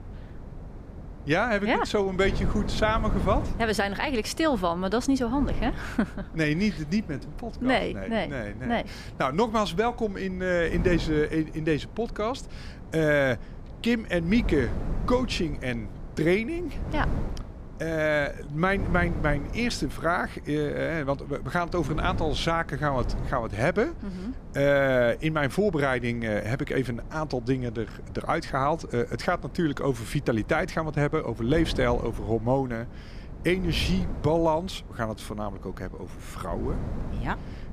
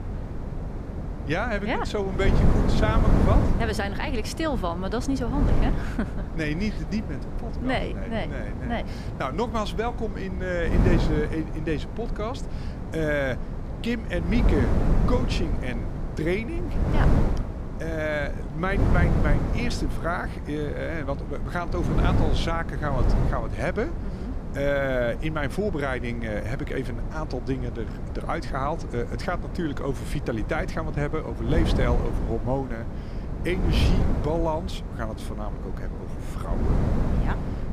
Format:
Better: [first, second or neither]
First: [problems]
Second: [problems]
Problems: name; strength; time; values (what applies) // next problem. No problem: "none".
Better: first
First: wind noise on the microphone; occasional gusts; 20 dB below the speech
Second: wind noise on the microphone; heavy; 6 dB below the speech